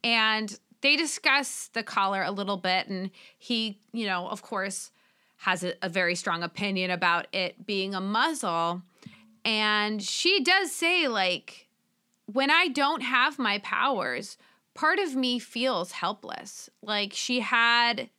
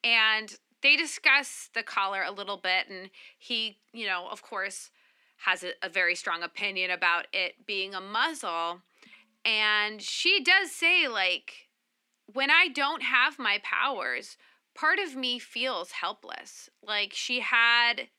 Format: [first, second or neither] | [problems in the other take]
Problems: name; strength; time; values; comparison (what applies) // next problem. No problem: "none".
first | thin; somewhat; fading below 250 Hz